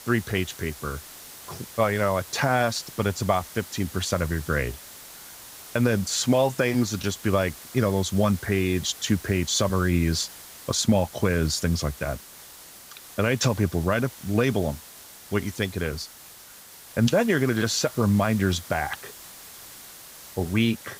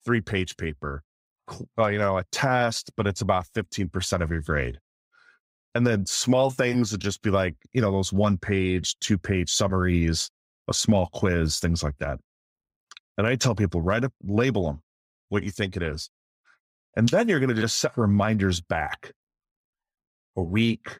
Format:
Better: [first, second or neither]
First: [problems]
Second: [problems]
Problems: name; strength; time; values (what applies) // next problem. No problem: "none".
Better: second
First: hiss; noticeable; throughout; 15 dB below the speech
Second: none